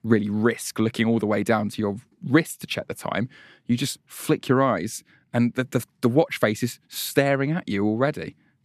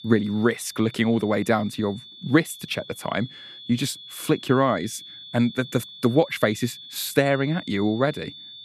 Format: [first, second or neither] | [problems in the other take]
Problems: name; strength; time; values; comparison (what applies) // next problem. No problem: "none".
first | high-pitched whine; noticeable; throughout; 3.5 kHz, 15 dB below the speech